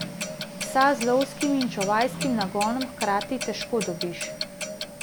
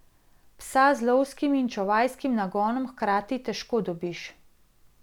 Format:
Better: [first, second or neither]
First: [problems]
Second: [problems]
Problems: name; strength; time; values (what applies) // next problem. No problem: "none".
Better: second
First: background sound (Clock); 7 dB below the speech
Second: none